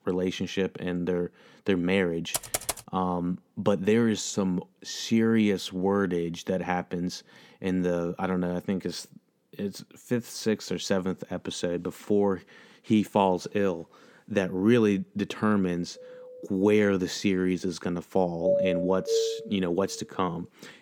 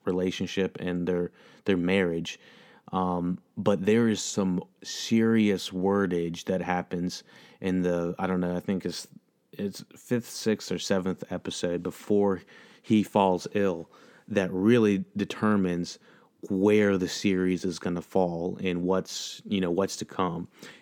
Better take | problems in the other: second | keyboard typing; noticeable; at 2.5 s; peak 2 dB below the speech // phone ringing; faint; at 16 s; peak 20 dB below the speech // doorbell; loud; from 18 to 19 s; peak 2 dB above the speech

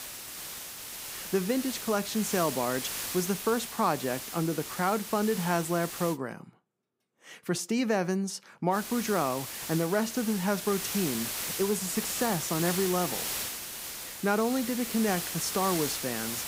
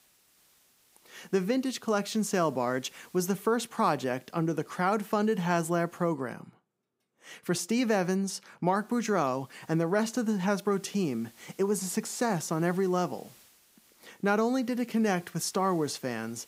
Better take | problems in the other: second | hiss; loud; until 6 s and from 8.5 s on; 5 dB below the speech; faint in the second

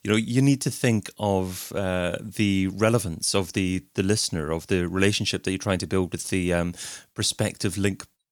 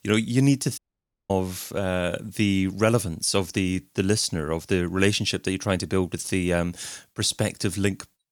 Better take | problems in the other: first | audio cutting out; at 1 s for 0.5 s

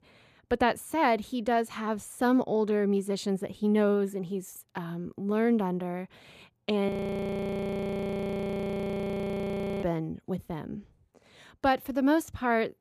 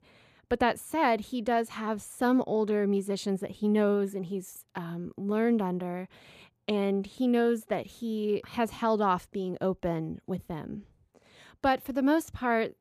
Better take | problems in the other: second | audio freezing; at 7 s for 3 s

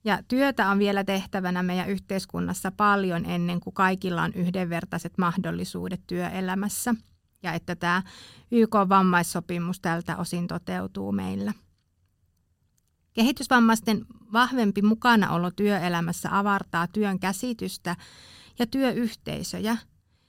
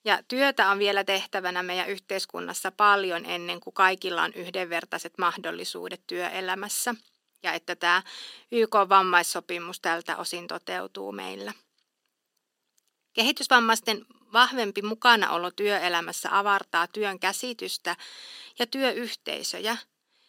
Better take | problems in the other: first | thin; somewhat; fading below 300 Hz

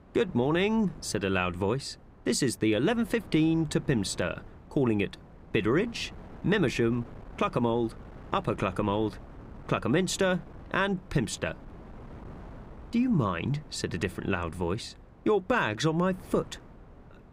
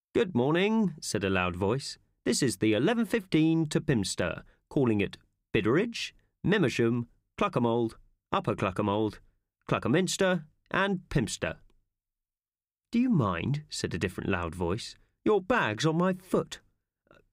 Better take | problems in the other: second | wind noise on the microphone; occasional gusts; 20 dB below the speech

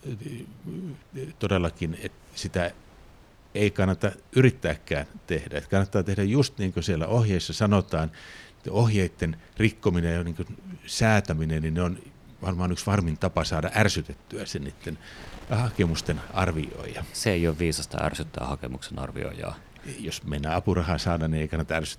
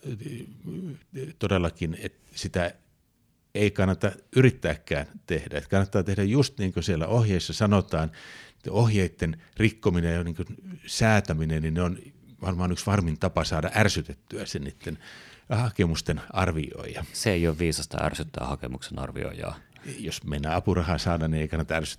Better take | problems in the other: second | wind noise on the microphone; occasional gusts; 25 dB below the speech

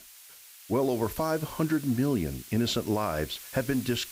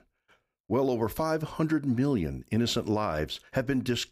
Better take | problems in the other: second | hiss; noticeable; throughout; 15 dB below the speech

